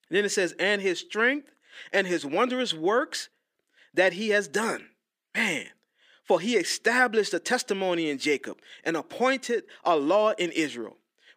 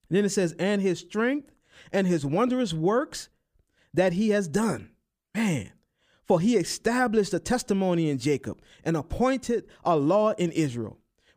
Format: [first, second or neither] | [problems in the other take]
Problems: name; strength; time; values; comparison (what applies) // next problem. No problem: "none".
second | thin; somewhat; fading below 300 Hz